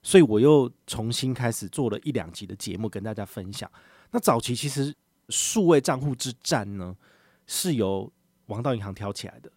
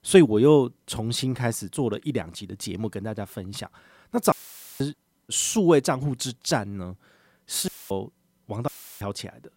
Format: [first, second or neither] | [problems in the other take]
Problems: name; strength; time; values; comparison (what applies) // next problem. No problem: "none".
first | audio cutting out; filled with static; at 4.5 s, at 7.5 s and at 8.5 s